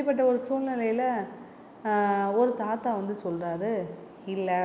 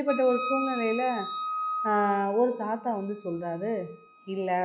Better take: first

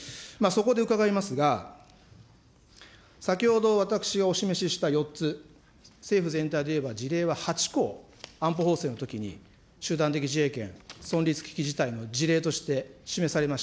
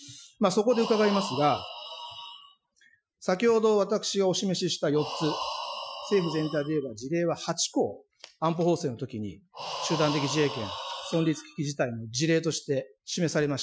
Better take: first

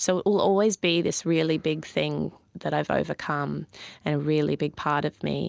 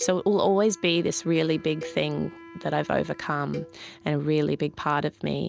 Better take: first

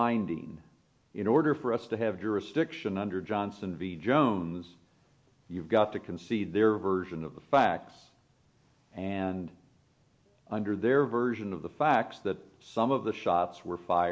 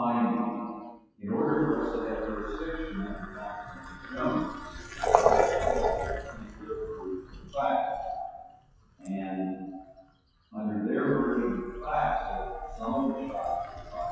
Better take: first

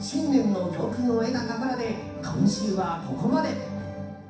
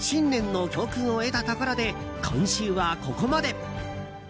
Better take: second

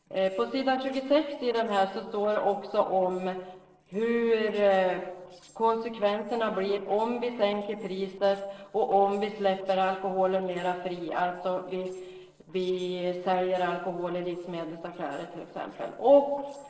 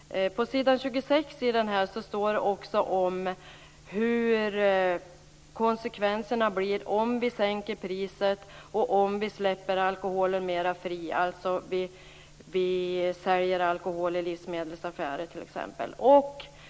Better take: second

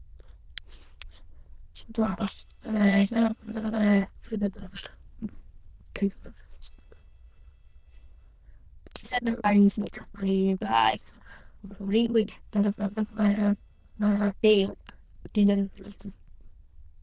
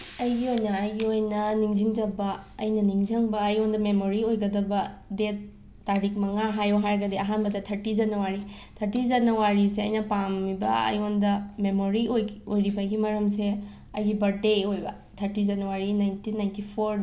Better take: second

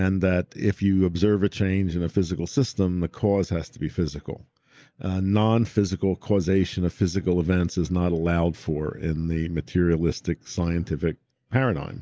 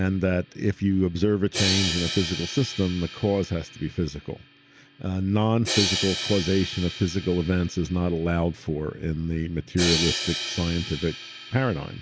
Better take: first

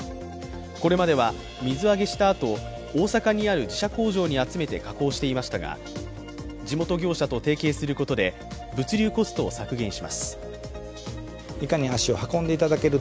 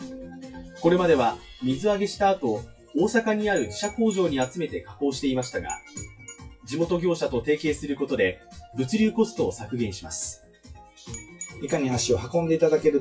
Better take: first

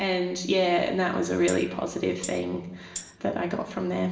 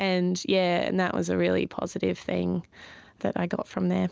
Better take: second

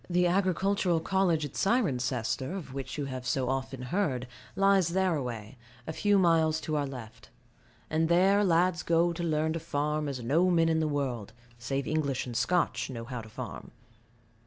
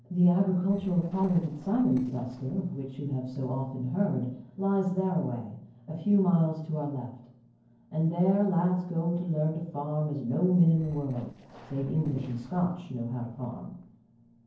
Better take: first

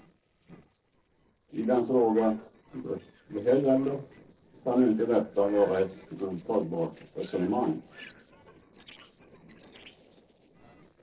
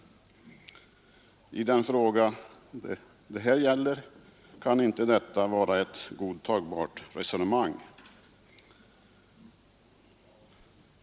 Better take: second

